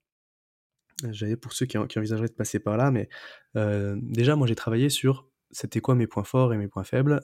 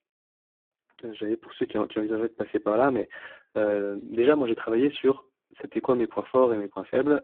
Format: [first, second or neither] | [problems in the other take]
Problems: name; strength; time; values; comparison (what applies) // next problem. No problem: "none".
first | phone-call audio; poor line